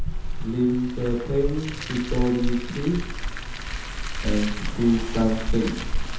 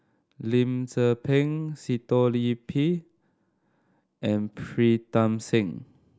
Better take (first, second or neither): second